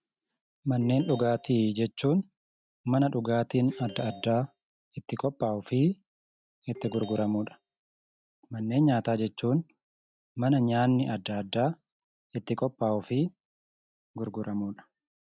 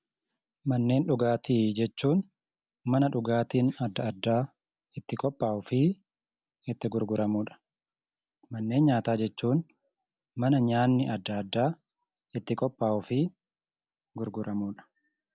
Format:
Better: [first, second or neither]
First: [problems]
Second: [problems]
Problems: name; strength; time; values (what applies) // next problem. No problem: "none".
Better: second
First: noise reduction (neural mask model RNNoise)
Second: none